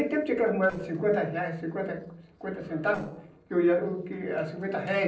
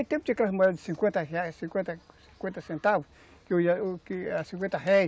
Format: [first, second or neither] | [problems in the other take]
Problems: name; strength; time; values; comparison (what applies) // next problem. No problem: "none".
second | noise reduction (neural separator model SepFormer DNS4)